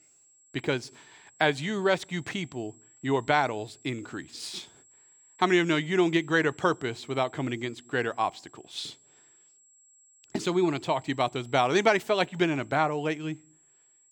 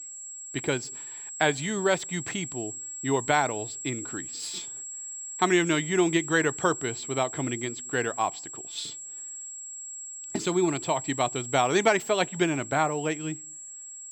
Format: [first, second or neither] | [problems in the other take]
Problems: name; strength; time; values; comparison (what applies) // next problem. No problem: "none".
first | high-pitched whine; loud; throughout; 7.5 kHz, 9 dB below the speech; faint in the first